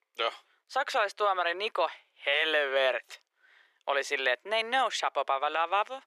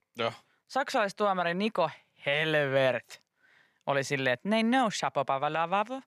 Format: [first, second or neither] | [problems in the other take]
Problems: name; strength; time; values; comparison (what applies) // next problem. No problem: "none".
second | thin; very; fading below 350 Hz